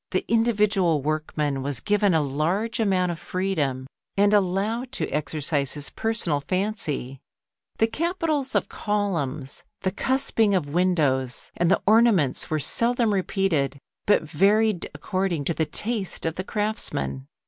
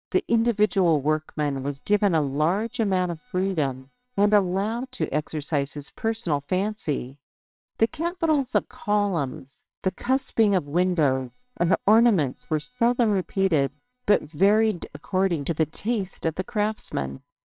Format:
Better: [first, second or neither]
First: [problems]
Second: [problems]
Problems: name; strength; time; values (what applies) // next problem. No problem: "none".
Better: first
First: none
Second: noise reduction (neural separator model SepFormer WHAMR!)